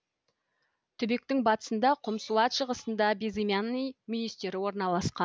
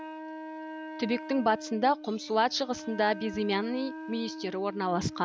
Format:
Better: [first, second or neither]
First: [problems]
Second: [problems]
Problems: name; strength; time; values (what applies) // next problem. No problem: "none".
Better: first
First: none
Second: background sound (Wind instrument, woodwind instrument); 11 dB below the speech